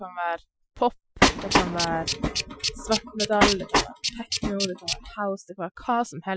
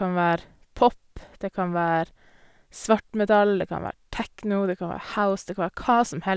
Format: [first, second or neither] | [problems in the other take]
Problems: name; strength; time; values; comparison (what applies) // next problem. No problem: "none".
second | noise reduction (classical method Wiener filter)